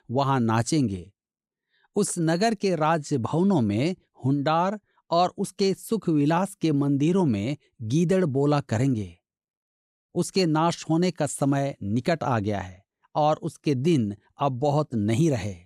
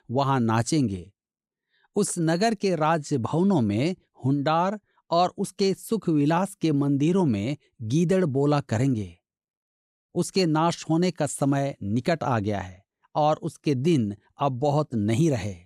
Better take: neither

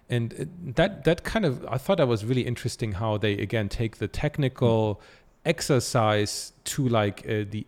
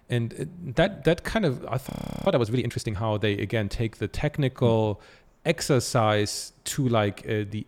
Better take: first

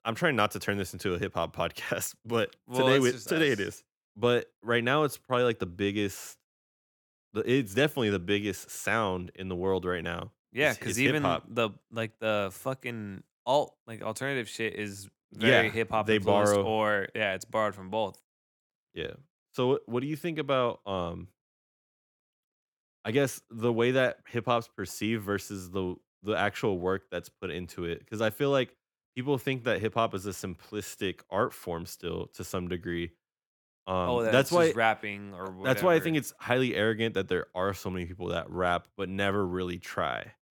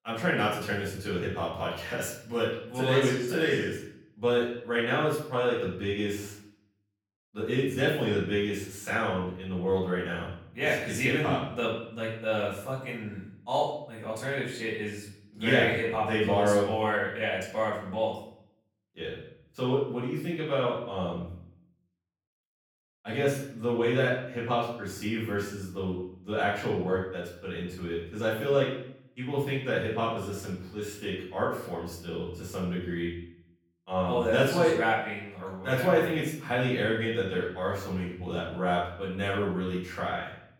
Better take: first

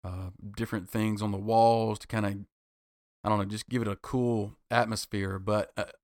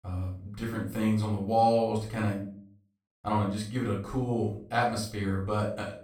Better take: first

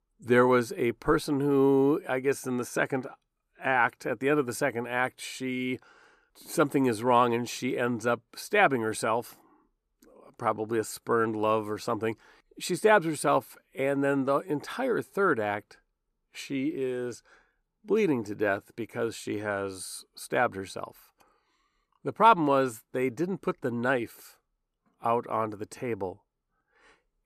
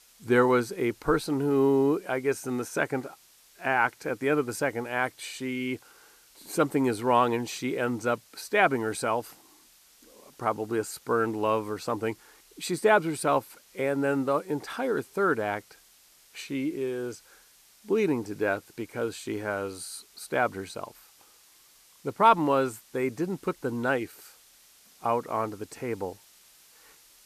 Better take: first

